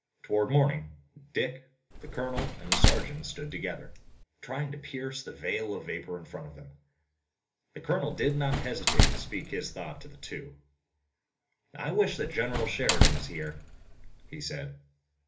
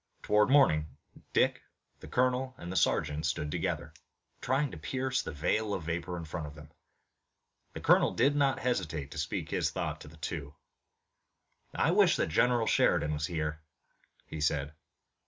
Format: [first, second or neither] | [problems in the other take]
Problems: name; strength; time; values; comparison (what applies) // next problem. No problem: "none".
second | background sound (Slam); 5 dB above the speech // room echo; dies away in 0.3 s